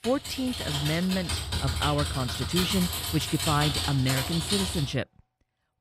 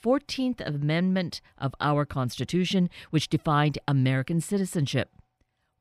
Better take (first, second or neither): second